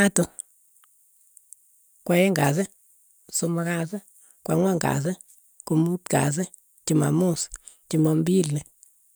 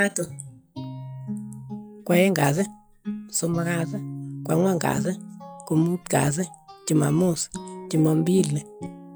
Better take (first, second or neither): first